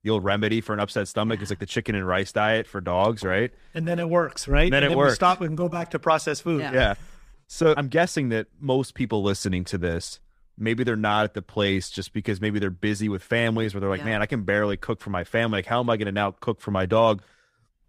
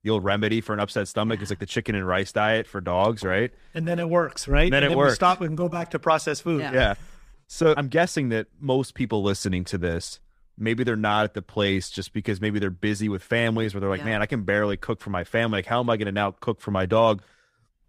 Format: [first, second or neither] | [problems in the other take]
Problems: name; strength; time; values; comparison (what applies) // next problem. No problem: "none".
neither | none